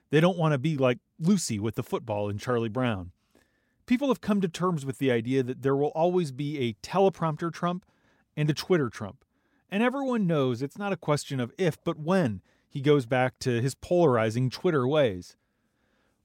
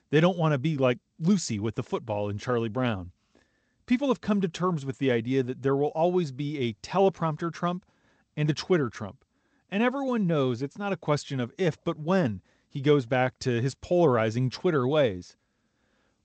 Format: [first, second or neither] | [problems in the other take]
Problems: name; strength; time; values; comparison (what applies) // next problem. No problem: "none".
first | garbled, watery; slightly; nothing above 8 kHz